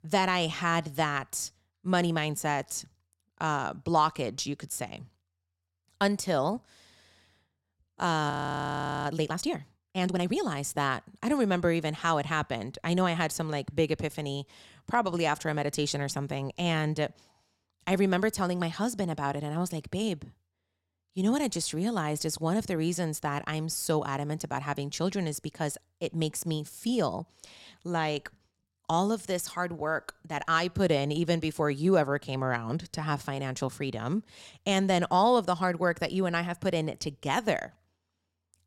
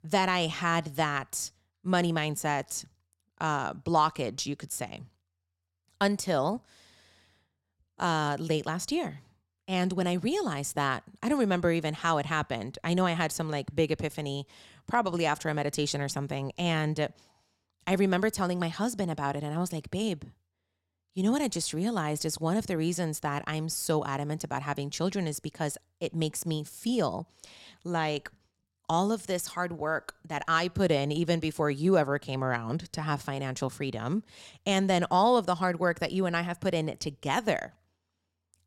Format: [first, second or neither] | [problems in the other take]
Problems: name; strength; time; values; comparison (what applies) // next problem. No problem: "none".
second | audio freezing; at 8.5 s for 1 s